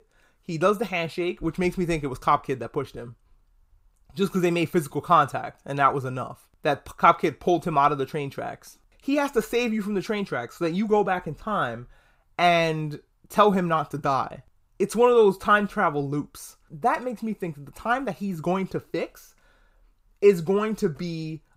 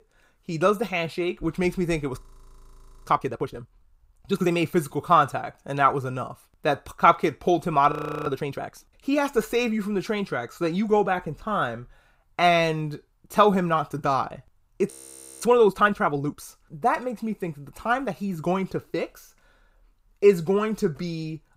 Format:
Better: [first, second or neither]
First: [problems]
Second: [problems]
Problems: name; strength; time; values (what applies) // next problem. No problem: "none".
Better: first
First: none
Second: audio freezing; at 2 s for 1 s, at 8 s and at 15 s for 0.5 s